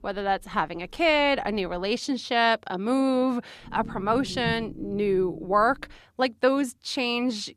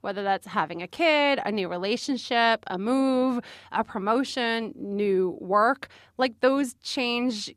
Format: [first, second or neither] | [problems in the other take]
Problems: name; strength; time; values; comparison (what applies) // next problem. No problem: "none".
second | low rumble; faint; until 2 s and from 3.5 to 6 s; 20 dB below the speech